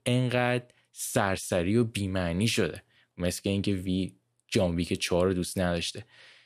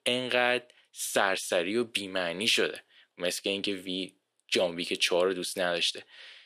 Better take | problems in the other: first | thin; somewhat; fading below 400 Hz

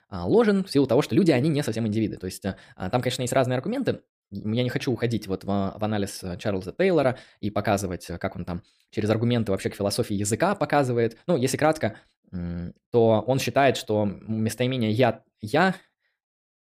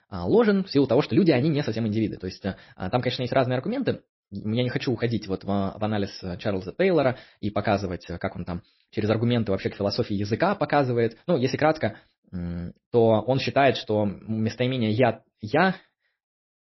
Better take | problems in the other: first | garbled, watery; slightly; nothing above 5.5 kHz

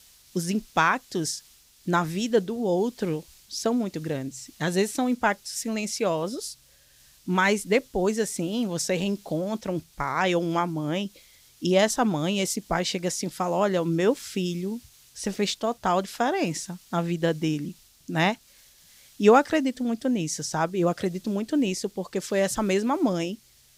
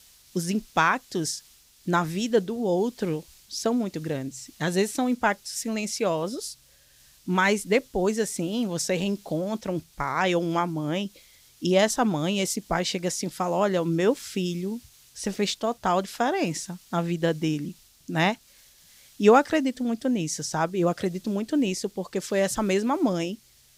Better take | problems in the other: neither | hiss; faint; throughout; 25 dB below the speech; the same in both

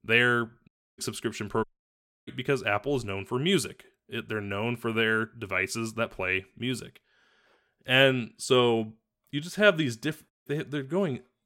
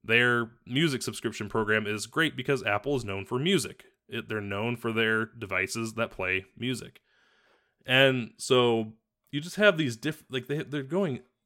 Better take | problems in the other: second | audio cutting out; at 0.5 s, at 1.5 s for 0.5 s and at 10 s

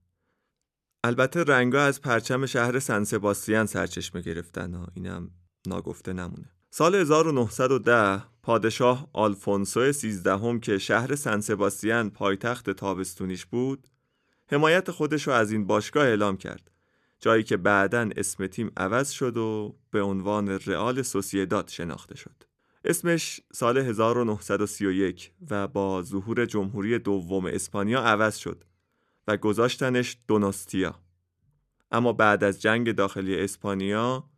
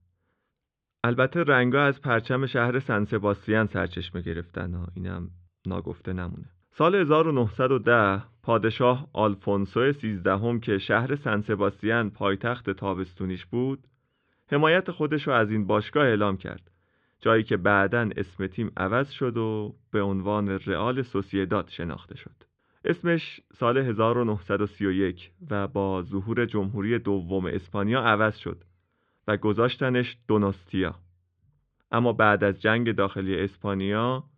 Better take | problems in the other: first | muffled; very; fading above 3.5 kHz

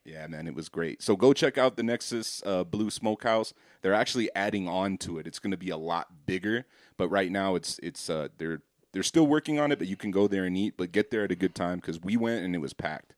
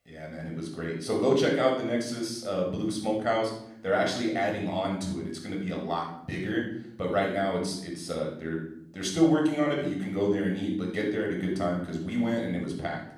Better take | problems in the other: first | off-mic speech; somewhat distant // room echo; noticeable; dies away in 0.6 s

